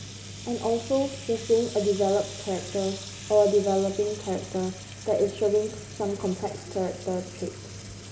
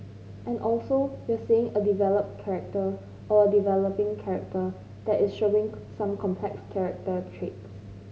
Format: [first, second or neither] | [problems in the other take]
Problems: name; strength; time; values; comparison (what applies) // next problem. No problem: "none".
second | background sound (Sink (filling or washing) / Water tap, faucet); 16 dB below the speech